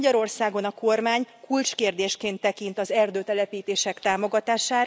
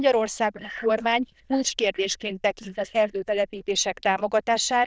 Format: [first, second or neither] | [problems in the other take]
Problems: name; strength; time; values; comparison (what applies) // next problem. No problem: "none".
first | noise reduction (neural diffusion model UNIVERSE++)